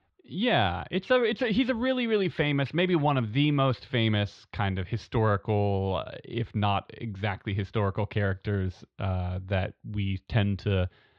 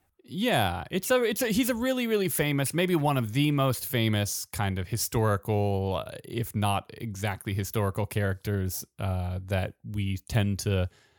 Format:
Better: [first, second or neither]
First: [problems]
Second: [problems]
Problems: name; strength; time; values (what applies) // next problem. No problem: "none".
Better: second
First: muffled; slightly; fading above 4 kHz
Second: none